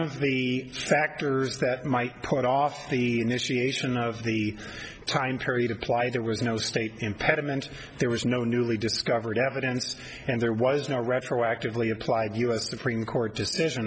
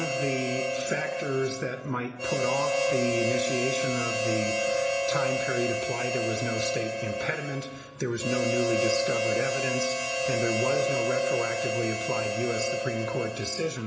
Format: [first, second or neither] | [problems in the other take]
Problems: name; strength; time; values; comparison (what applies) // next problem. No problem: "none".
first | background sound (Harmonica); 2 dB above the speech // room echo; dies away in 0.8 s